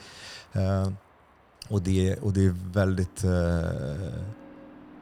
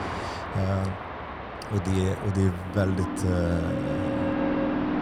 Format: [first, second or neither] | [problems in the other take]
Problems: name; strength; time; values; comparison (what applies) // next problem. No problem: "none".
first | train or aircraft noise; loud; throughout; 3 dB below the speech; faint in the first